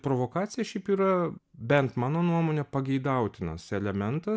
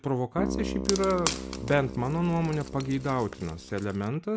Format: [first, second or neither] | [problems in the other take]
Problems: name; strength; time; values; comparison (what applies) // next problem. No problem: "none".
first | background sound (Keyboard (musical) + Wood); 6 dB below the speech